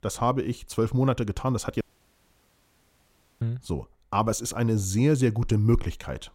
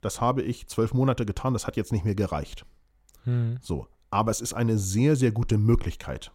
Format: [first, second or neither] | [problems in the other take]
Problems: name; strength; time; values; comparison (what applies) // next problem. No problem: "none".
second | audio cutting out; at 2 s for 1.5 s